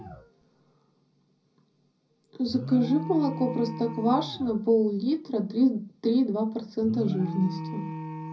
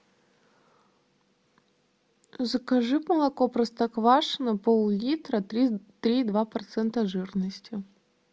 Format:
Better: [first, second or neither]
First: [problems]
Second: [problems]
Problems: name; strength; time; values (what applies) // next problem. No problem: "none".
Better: second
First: background sound (Alarm); 11 dB below the speech // room echo; dies away in 0.4 s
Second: none